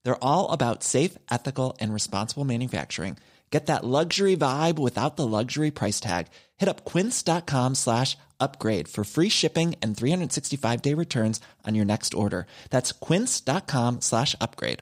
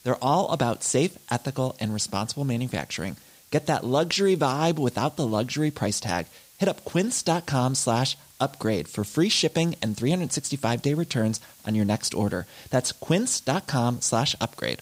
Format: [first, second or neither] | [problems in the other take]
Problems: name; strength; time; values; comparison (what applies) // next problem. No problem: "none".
first | hiss; faint; throughout; 25 dB below the speech